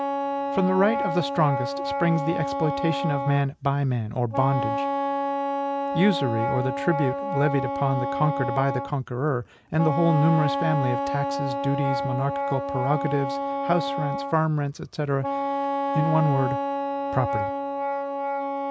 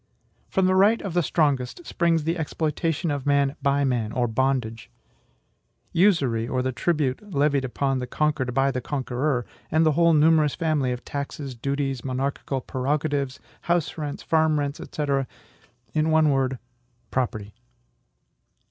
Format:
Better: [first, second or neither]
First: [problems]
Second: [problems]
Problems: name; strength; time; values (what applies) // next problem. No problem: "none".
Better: second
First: background sound (Wind instrument, woodwind instrument); 2 dB below the speech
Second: none